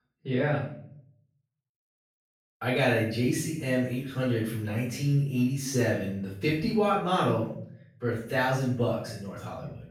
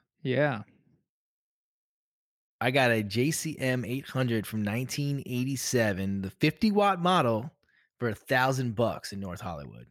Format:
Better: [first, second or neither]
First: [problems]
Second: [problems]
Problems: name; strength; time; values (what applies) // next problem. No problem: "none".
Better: second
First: off-mic speech; far // room echo; noticeable; dies away in 0.6 s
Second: none